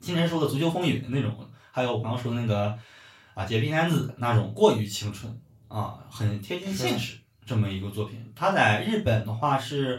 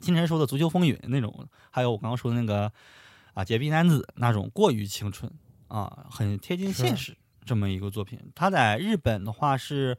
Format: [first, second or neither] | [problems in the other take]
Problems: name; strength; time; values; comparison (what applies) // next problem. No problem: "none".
second | room echo; slight; dies away in 0.2 s // off-mic speech; far